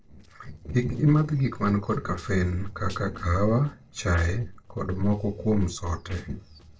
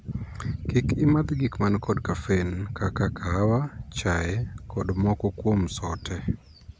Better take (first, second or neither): second